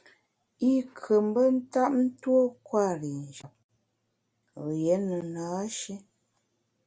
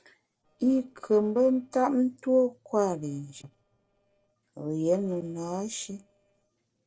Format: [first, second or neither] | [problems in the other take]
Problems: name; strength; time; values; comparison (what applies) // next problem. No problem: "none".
first | noise reduction (neural separator model SepFormer DNS4)